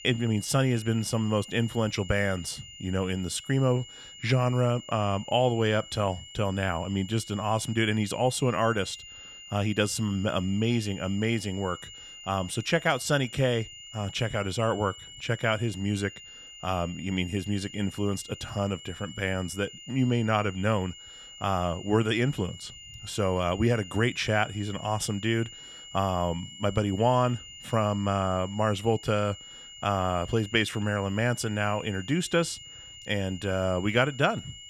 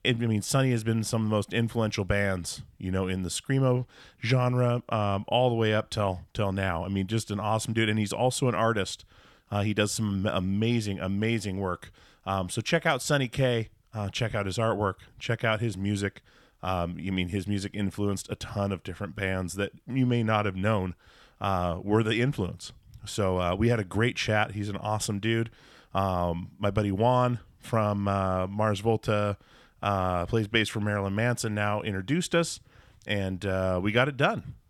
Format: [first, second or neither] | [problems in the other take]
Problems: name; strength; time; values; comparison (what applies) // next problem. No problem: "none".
second | high-pitched whine; noticeable; throughout; 3 kHz, 15 dB below the speech